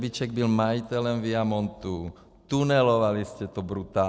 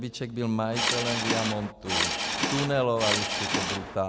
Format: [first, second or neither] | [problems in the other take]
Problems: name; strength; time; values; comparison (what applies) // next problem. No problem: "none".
first | background sound (Subway, metro, underground / Engine); 1 dB above the speech